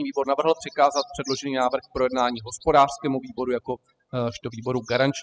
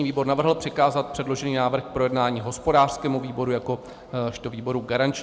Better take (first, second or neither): second